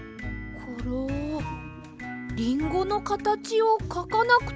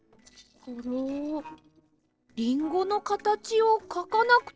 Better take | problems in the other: first | noise reduction (neural separator model SepFormer DNS4)

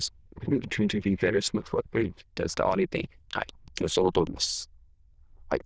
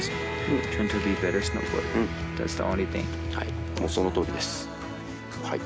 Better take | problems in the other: second | noise reduction (neural diffusion model UNIVERSE++)

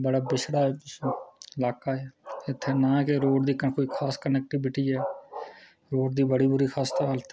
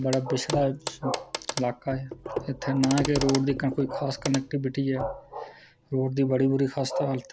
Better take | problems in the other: first | background sound (Clock); 10 dB below the speech

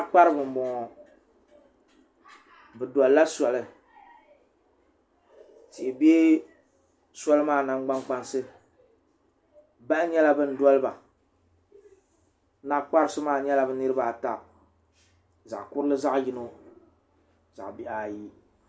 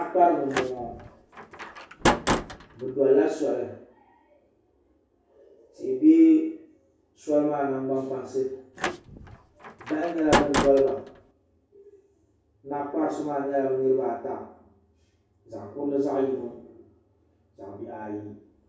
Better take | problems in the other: first | background sound (Slam); 2 dB below the speech // room echo; dies away in 0.6 s

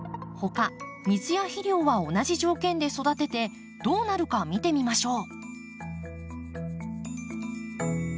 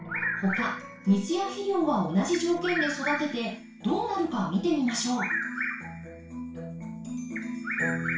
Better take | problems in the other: first | background sound (Bird vocalization, bird call, bird song); 7 dB below the speech // room echo; dies away in 0.3 s

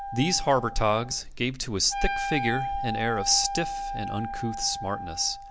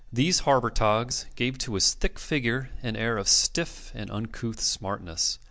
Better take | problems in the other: second | background sound (Wind instrument, woodwind instrument); 6 dB below the speech

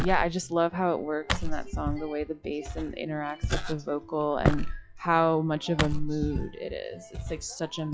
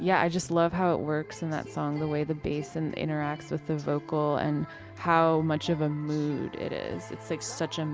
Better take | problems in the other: second | noise reduction (classical method log-MMSE)

